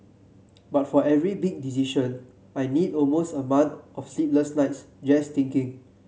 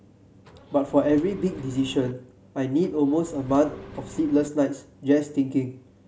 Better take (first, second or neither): first